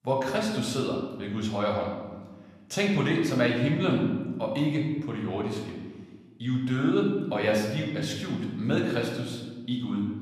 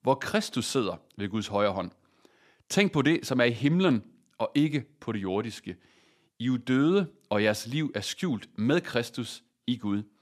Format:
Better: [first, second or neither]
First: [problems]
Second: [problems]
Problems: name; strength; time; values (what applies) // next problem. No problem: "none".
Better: second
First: room echo; noticeable; dies away in 1.2 s // off-mic speech; somewhat distant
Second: none